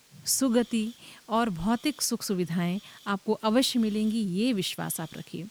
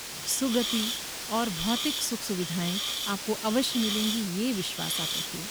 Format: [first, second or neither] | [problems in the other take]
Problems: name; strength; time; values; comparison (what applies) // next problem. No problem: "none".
first | hiss; loud; throughout; as loud as the speech; faint in the first